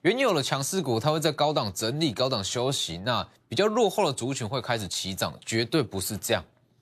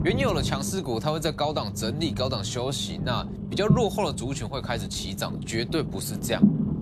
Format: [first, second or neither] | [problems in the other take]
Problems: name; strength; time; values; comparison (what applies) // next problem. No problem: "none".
first | low rumble; loud; throughout; 9 dB below the speech